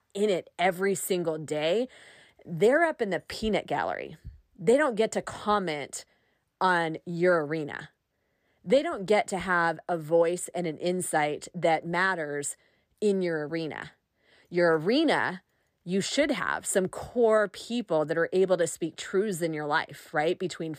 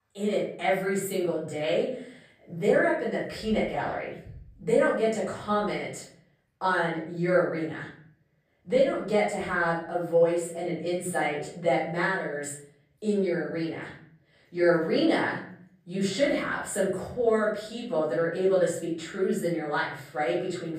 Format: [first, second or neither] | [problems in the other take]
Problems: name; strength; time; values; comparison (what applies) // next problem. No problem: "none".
first | off-mic speech; far // room echo; noticeable; dies away in 0.5 s